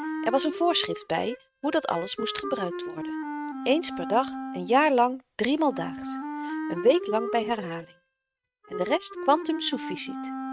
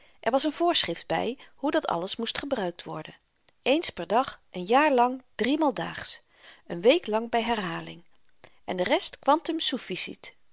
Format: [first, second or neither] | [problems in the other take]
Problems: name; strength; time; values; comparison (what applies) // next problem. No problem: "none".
second | noise reduction (neural mask model RNNoise)